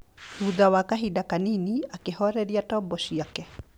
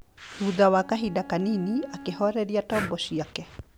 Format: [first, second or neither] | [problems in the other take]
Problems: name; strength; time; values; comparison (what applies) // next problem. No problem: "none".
first | background sound (Bowed string instrument + Breathing); 14 dB below the speech